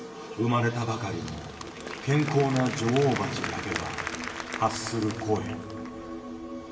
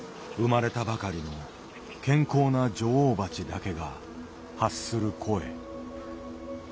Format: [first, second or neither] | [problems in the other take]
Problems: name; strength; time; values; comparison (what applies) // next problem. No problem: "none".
second | background sound (Applause / Crowd); 10 dB below the speech // room echo; dies away in 2.2 s